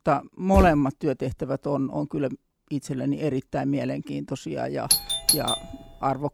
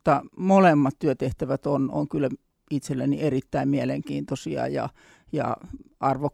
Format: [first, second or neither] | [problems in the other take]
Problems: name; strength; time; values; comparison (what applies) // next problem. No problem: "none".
second | footsteps; loud; at 0.5 s; peak level with the speech // doorbell; loud; at 5 s; peak 6 dB above the speech